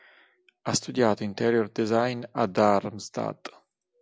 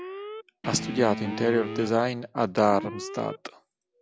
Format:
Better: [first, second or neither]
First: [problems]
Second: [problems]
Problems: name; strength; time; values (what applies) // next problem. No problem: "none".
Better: first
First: none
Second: background sound (Guitar + Alarm); 10 dB below the speech